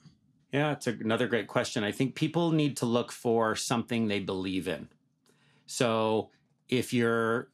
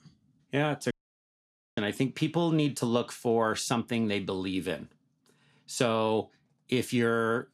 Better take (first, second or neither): first